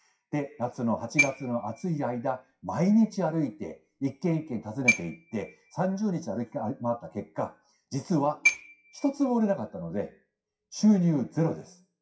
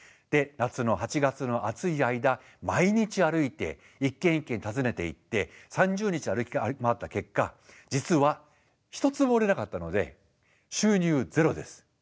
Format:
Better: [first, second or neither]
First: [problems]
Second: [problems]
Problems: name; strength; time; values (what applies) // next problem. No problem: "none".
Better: second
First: noise reduction (classical method WPE with log-MMSE)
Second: none